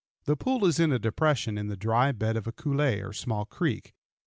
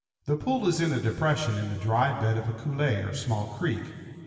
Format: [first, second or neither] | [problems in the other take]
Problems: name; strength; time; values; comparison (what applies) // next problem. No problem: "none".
first | room echo; dies away in 2.9 s